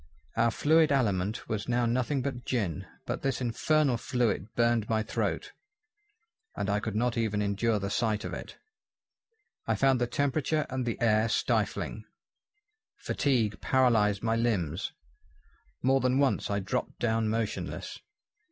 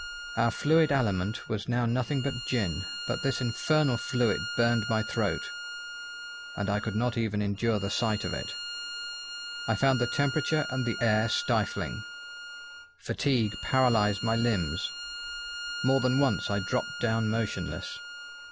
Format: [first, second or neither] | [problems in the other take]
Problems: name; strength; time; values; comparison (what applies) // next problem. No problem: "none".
first | background sound (Bowed string instrument); 9 dB below the speech